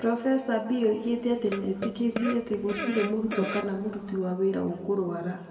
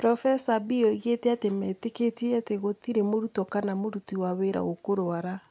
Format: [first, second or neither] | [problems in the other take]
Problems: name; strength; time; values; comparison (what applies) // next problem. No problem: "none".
second | background sound (Fart); 9 dB below the speech // room echo; dies away in 1.6 s